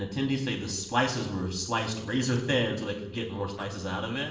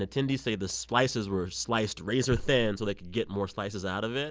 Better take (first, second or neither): second